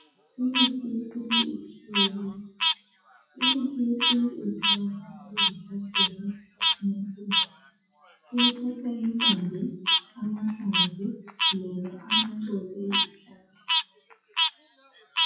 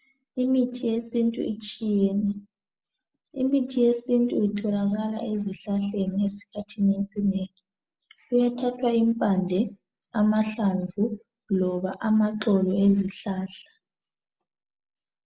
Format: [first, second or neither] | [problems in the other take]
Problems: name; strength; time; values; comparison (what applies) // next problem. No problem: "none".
second | noise reduction (classical method WPE with log-MMSE)